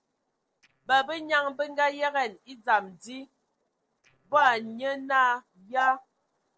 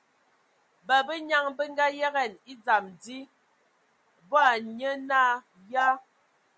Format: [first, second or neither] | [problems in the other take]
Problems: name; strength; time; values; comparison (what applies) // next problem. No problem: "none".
second | noise reduction (neural separator model SepFormer DNS4)